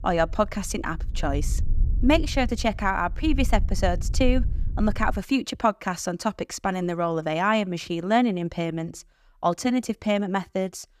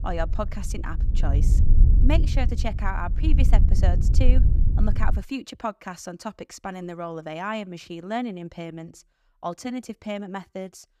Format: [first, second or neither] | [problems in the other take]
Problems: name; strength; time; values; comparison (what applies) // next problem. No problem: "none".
first | wind noise on the microphone; heavy; until 5 s; 8 dB below the speech; occasional gusts in the first